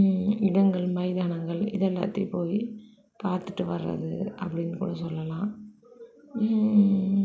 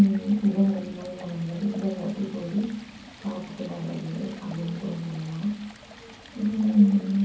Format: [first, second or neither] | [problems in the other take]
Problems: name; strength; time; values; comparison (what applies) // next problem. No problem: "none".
first | background sound (Stream); 20 dB below the speech // room echo; dies away in 0.6 s